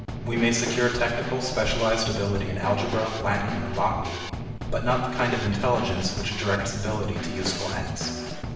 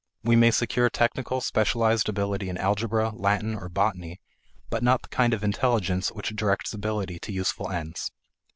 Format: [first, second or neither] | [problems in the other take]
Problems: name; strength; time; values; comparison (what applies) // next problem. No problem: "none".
second | background sound (Snare drum / Drum kit); 7 dB below the speech // room echo; dies away in 1.2 s